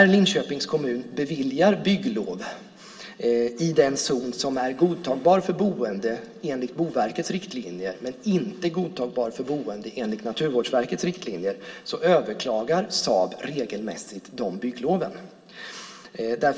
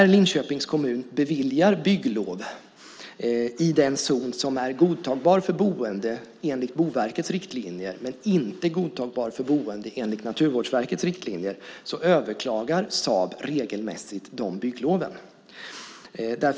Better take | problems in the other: second | room echo; dies away in 2.2 s

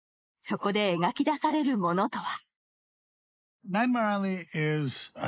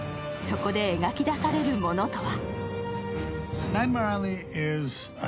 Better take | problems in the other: second | noise reduction (neural mask model Resemble Enhance denoiser)

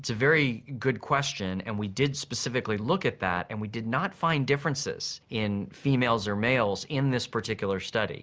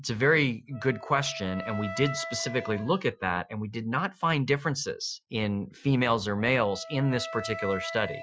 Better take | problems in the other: first | noise reduction (classical method Wiener filter)

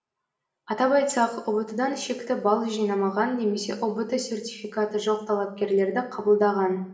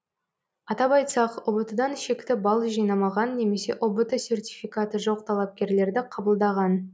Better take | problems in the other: second | room echo; dies away in 0.7 s

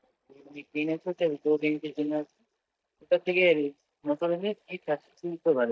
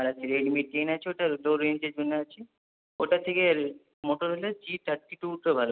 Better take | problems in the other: second | noise reduction (neural mask model DeepFilterNet 3)

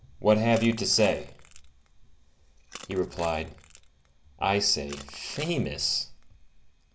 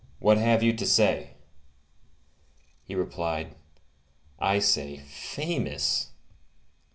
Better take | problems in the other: second | background sound (Crushing); 20 dB below the speech

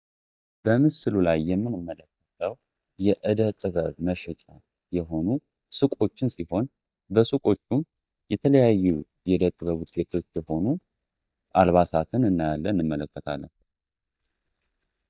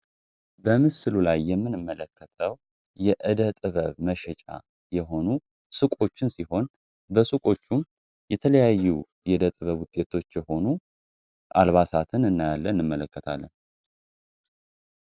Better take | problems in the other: second | noise reduction (neural mask model DeepFilterNet 3)

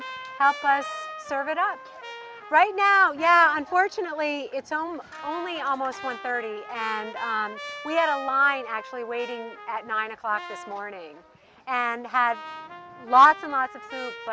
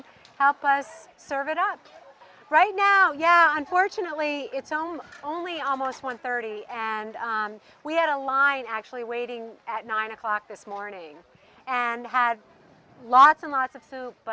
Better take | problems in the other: second | background sound (Trumpet); 15 dB below the speech

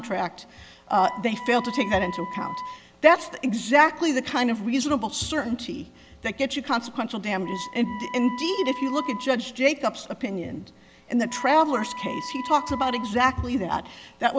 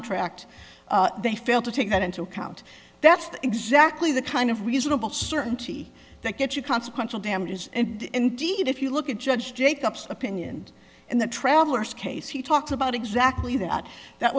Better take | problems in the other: second | background sound (Wind instrument, woodwind instrument); 13 dB below the speech

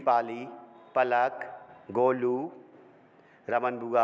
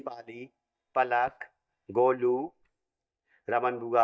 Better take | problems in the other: first | noise reduction (neural mask model DeepFilterNet 3)

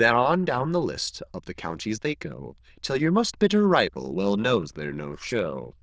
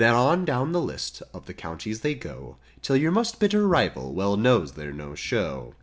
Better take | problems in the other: second | noise reduction (neural diffusion model UNIVERSE++)

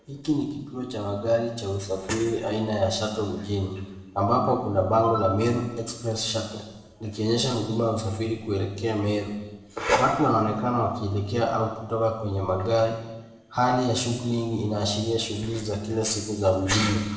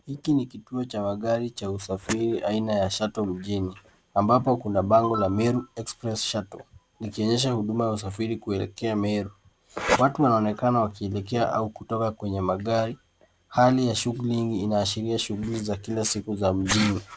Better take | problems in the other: second | room echo; dies away in 1.1 s

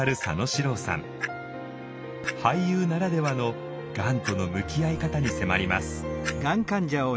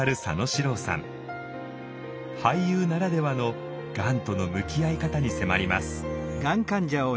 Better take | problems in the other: second | background sound (Clock); 15 dB below the speech

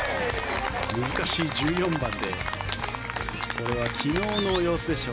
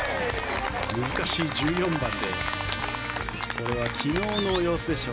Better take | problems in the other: first | background sound (Trumpet); 12 dB below the speech

